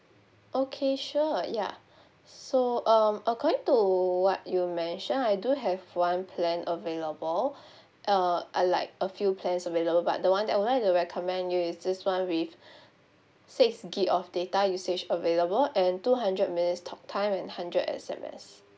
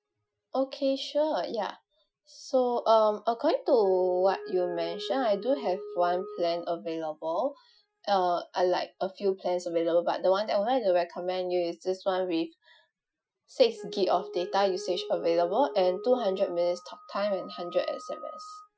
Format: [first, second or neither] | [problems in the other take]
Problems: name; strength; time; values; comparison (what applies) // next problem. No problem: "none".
first | noise reduction (classical method Wiener filter)